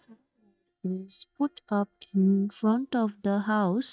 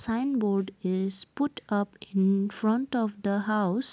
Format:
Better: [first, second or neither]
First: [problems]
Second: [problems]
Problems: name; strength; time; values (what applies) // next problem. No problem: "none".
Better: second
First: noise reduction (neural mask model DeepFilterNet 3)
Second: none